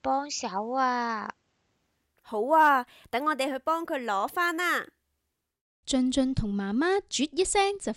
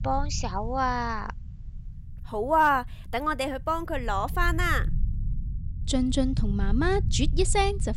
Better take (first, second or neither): first